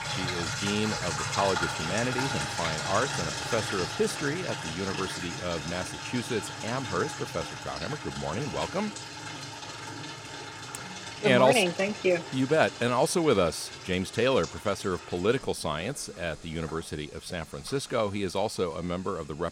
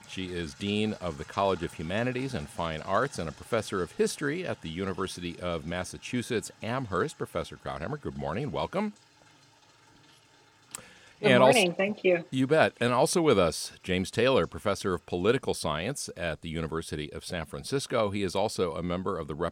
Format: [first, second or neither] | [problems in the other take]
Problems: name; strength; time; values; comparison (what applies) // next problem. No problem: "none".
second | household noises; loud; throughout; 5 dB below the speech; faint in the second